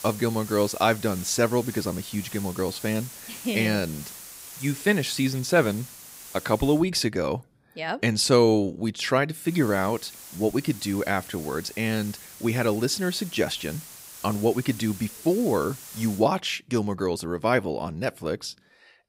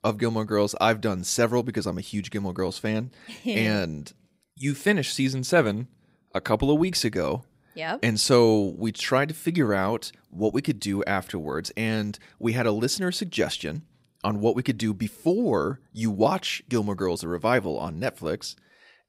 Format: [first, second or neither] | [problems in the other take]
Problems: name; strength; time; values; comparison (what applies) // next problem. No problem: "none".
second | hiss; noticeable; until 7 s and from 9.5 to 16 s; 15 dB below the speech